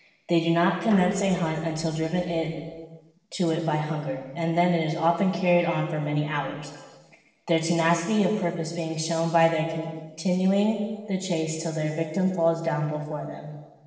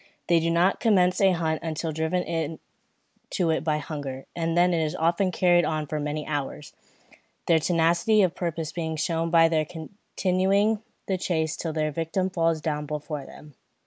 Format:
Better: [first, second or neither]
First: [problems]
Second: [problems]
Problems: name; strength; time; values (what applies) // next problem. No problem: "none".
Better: second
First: noise reduction (neural separator model SepFormer DNS4)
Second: none